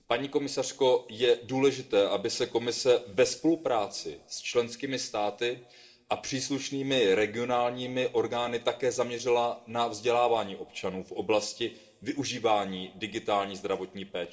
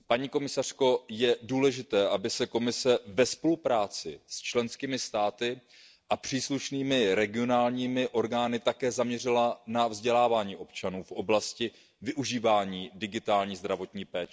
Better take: second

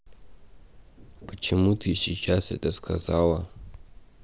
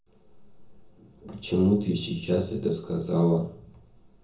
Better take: first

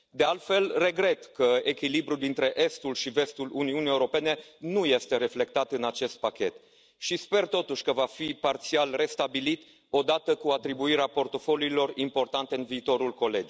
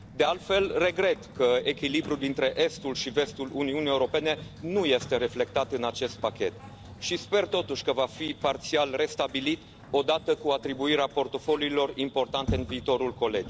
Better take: first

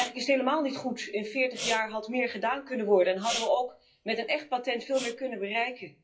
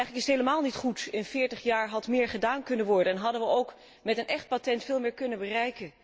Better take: second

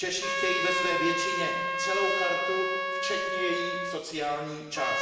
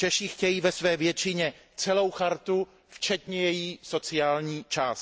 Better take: second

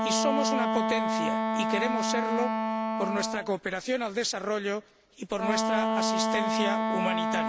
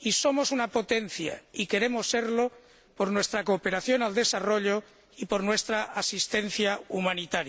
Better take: second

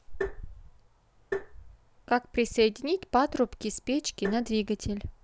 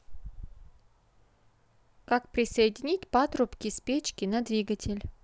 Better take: second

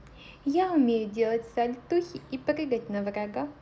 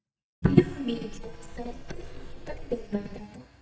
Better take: first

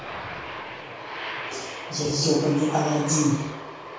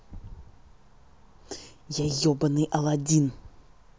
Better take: second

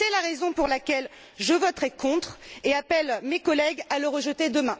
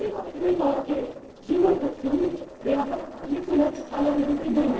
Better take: first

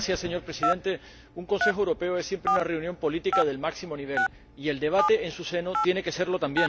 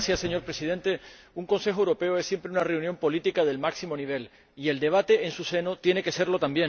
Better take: second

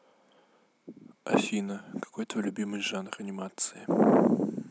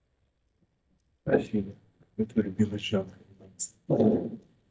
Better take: first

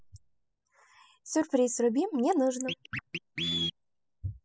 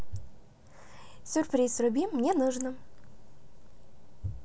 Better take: second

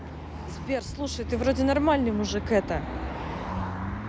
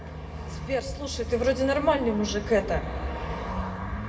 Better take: first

